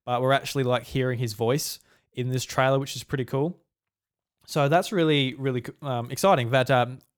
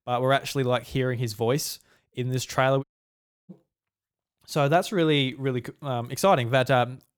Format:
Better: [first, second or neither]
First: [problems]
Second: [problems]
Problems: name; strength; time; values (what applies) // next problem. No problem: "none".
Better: first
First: none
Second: audio cutting out; at 3 s for 0.5 s